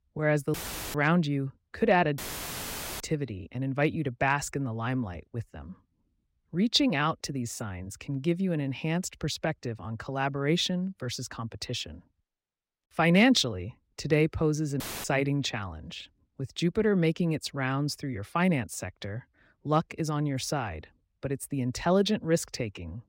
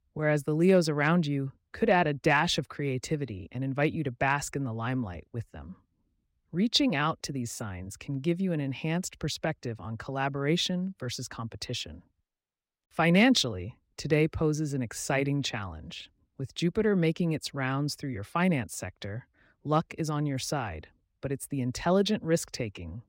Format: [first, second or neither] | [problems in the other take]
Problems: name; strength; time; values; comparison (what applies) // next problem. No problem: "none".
second | audio cutting out; filled with static; at 0.5 s, at 2 s for 1 s and at 15 s